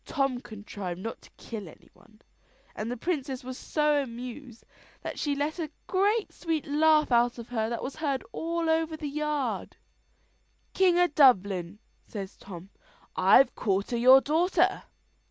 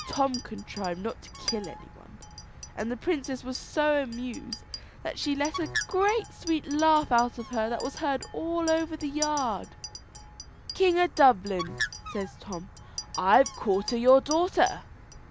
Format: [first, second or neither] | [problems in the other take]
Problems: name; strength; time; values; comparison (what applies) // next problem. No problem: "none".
first | background sound (Chink, clink + Bird); 12 dB below the speech